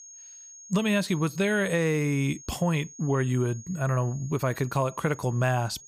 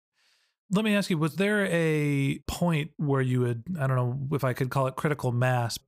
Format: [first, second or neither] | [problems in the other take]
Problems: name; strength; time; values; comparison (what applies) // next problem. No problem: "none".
second | high-pitched whine; noticeable; throughout; 6.5 kHz, 20 dB below the speech